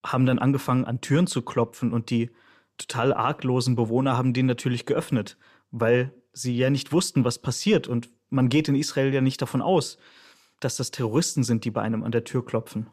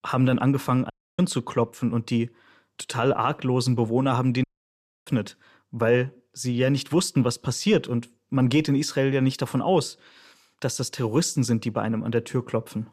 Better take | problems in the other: first | audio cutting out; at 1 s and at 4.5 s for 0.5 s

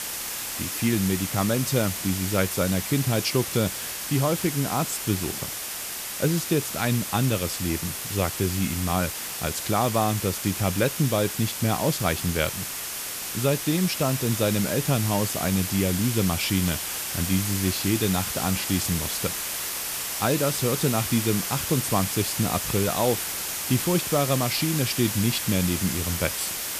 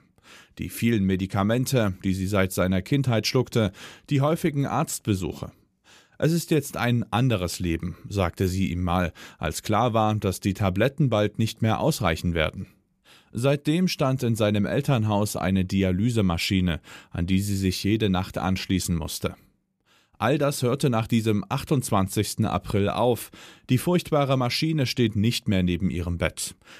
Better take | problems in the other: second | hiss; loud; throughout; 3 dB below the speech

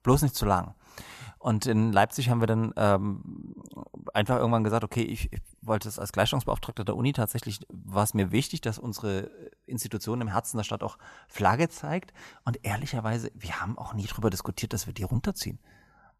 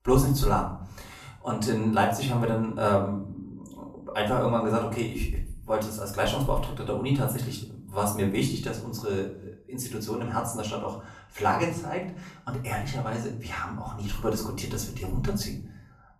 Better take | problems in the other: first | off-mic speech; far // room echo; slight; dies away in 0.4 s

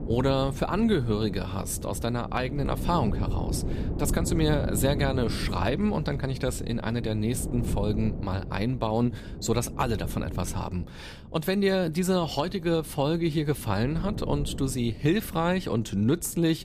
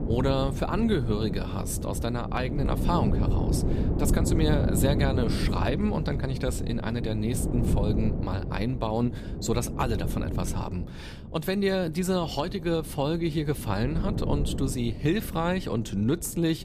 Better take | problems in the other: first | wind noise on the microphone; heavy; 7 dB below the speech; occasional gusts in the first

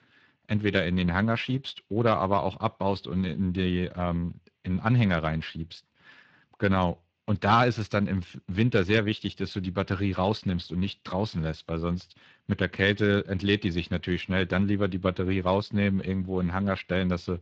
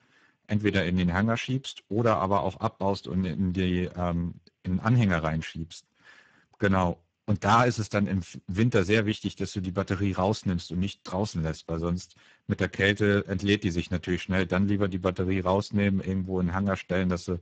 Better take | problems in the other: first | garbled, watery; badly; nothing above 7.5 kHz; slightly in the first

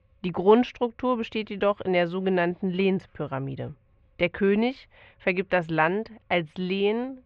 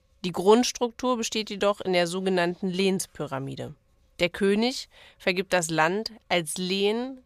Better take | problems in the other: second | muffled; very; fading above 2.5 kHz

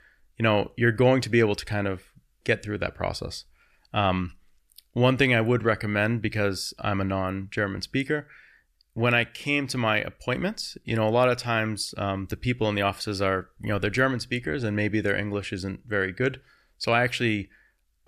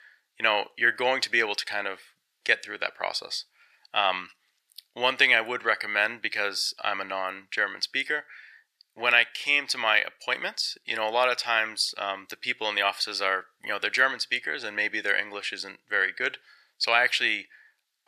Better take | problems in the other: first | thin; very; fading below 650 Hz

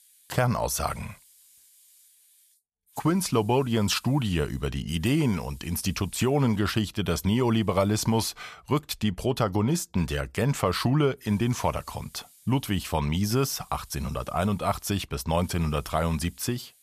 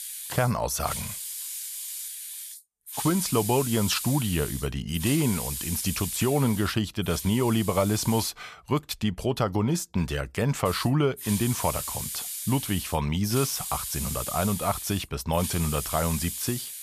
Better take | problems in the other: first | hiss; loud; until 8.5 s and from 11 s on; 6 dB below the speech; faint in the first

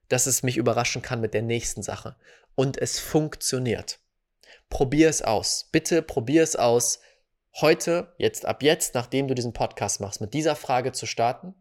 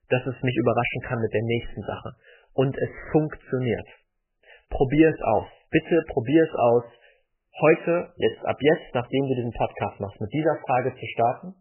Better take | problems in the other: first | garbled, watery; badly; nothing above 3 kHz

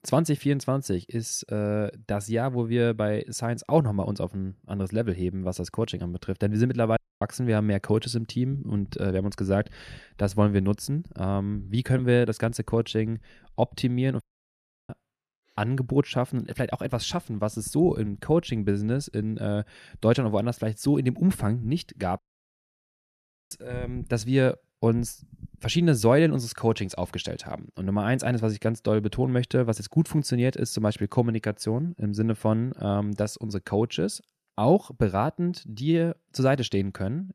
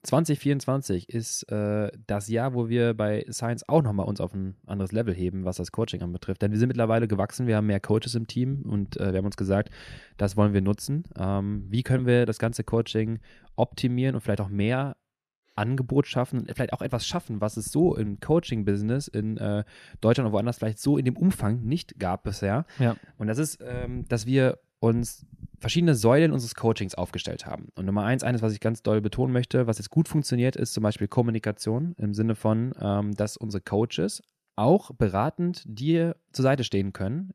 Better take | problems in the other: second | audio cutting out; at 7 s, at 14 s for 0.5 s and at 22 s for 1.5 s

